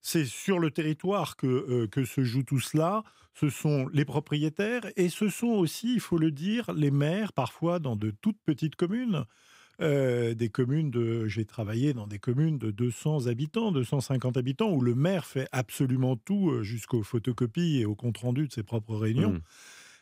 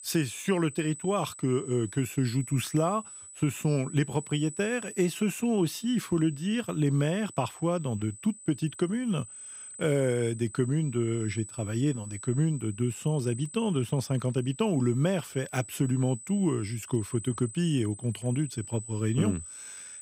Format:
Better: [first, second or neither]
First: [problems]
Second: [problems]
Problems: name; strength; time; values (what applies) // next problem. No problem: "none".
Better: first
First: none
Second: high-pitched whine; noticeable; throughout; 8 kHz, 15 dB below the speech